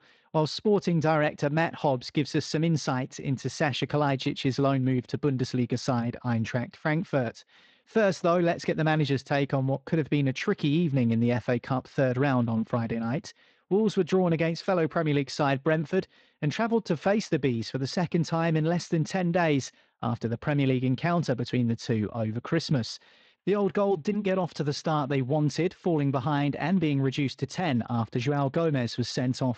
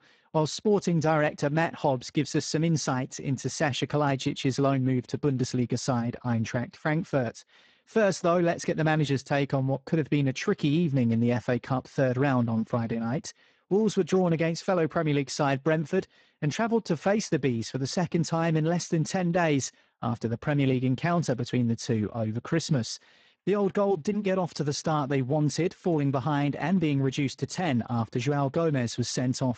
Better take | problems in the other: first | garbled, watery; badly; nothing above 7.5 kHz; slightly in the first

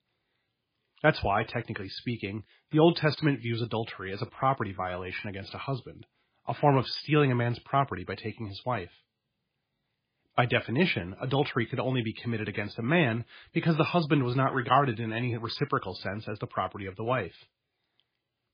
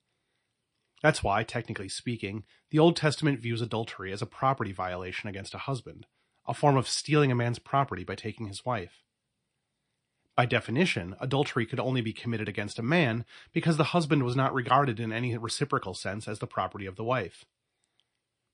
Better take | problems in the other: second | garbled, watery; badly; slightly in the second

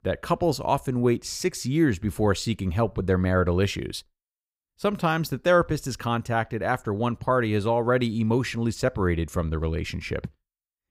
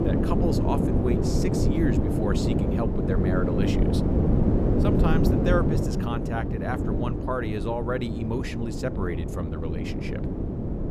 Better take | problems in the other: first | wind noise on the microphone; heavy; 1 dB above the speech

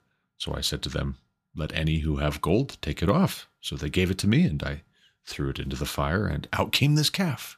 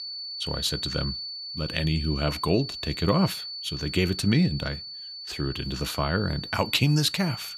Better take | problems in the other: first | high-pitched whine; loud; throughout; 4.5 kHz, 7 dB below the speech

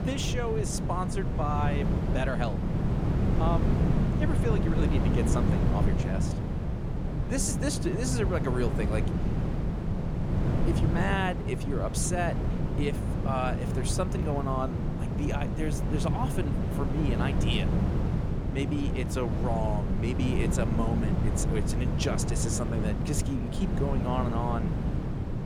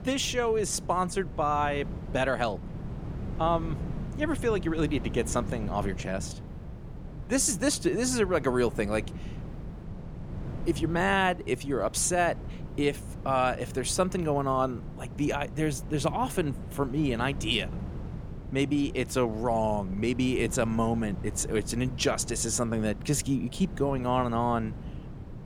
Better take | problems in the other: second | wind noise on the microphone; heavy; 3 dB below the speech; occasional gusts in the second

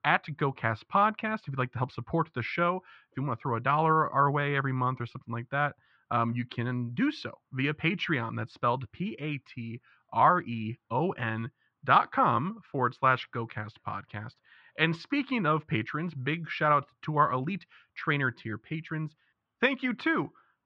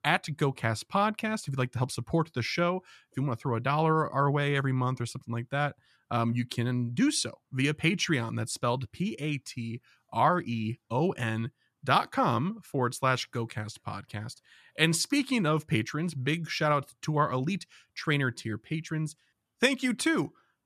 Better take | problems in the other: second | muffled; very; fading above 3.5 kHz

